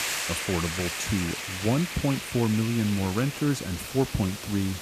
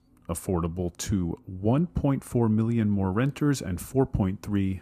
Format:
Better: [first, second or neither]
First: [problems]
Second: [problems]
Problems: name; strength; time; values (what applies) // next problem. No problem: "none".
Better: second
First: hiss; loud; throughout; 5 dB below the speech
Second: none